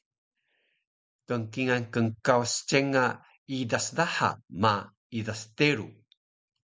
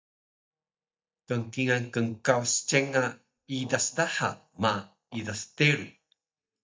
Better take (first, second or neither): first